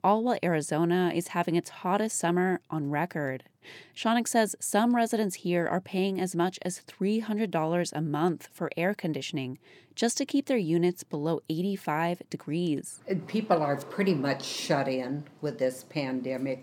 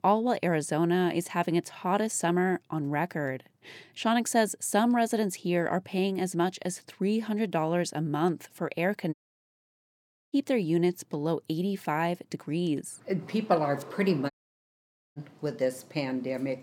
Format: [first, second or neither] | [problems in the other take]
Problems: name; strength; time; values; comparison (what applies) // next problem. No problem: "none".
first | audio cutting out; at 9 s for 1 s and at 14 s for 1 s